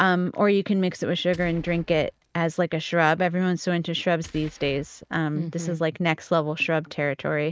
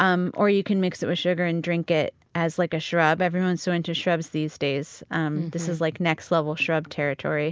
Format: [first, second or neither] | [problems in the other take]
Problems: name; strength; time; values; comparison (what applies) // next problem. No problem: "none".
second | noise reduction (neural mask model RNNoise)